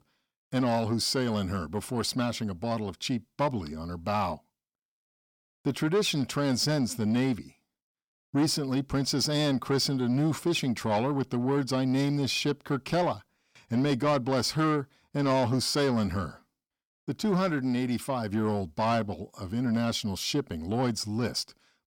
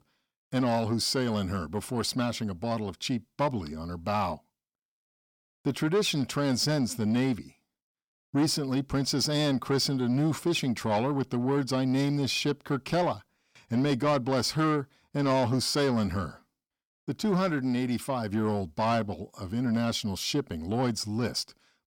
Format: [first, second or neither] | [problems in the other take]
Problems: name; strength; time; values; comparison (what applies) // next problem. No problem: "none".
neither | distortion; slight; 10 dB below the speech; the same in both